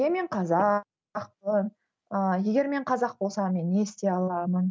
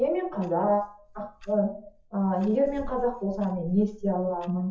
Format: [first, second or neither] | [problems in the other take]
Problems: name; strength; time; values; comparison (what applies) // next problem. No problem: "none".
first | noise reduction (classical method WPE with log-MMSE)